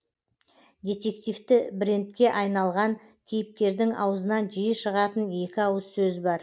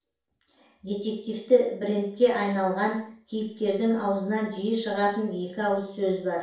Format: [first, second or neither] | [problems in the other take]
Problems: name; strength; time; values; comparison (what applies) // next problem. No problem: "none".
first | room echo; dies away in 0.5 s